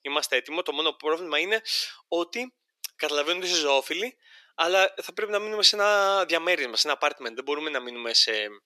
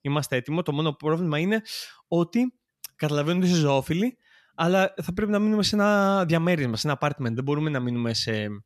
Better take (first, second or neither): second